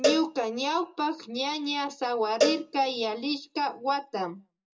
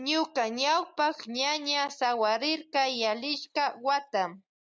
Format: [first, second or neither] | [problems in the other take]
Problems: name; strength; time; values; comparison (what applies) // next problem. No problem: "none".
second | background sound (Cowbell); 4 dB below the speech // room echo; dies away in 0.2 s